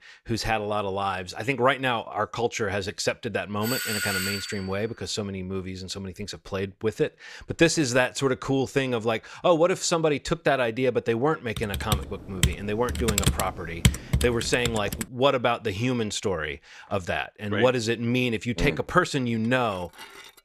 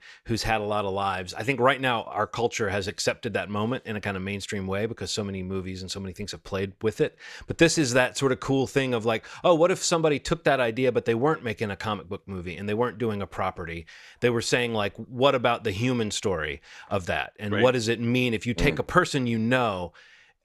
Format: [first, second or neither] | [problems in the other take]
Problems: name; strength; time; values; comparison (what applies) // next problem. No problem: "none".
second | doorbell; noticeable; at 3.5 s; peak level with the speech // keyboard typing; loud; from 12 to 15 s; peak 3 dB above the speech // clattering dishes; faint; at 19 s; peak 15 dB below the speech